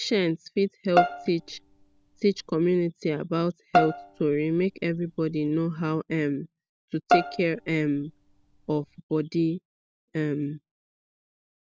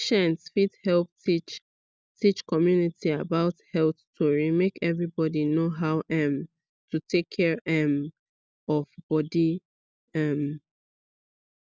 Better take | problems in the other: second | background sound (Bowed string instrument); 3 dB below the speech

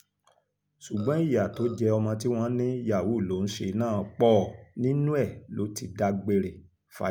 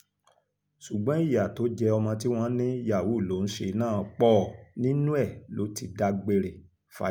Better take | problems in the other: second | background sound (Burping, eructation); 20 dB below the speech

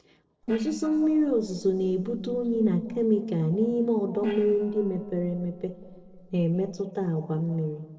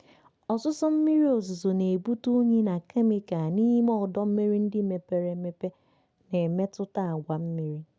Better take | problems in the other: second | noise reduction (neural separator model SepFormer DNS4)

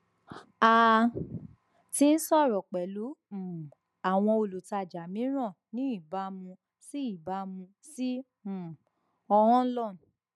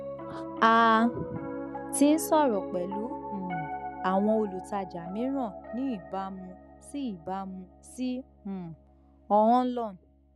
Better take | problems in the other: first | background sound (Piano); 11 dB below the speech

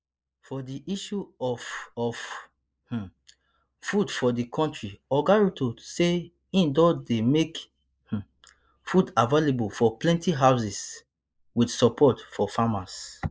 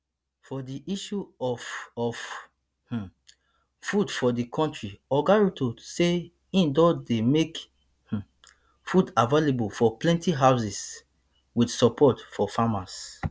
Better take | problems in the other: second | noise reduction (neural mask model Resemble Enhance denoiser)

